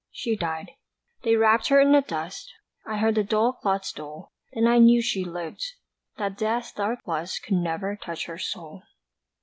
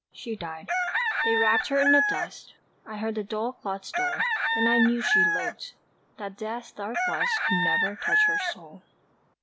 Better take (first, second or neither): first